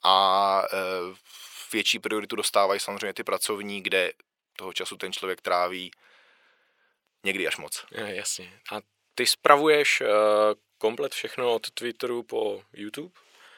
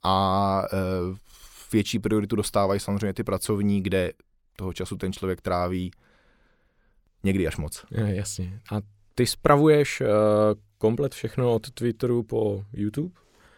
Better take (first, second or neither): second